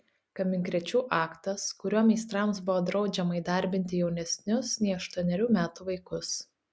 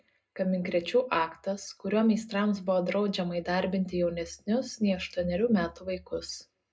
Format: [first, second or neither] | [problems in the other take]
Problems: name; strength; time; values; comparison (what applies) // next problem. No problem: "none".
first | room echo; dies away in 0.2 s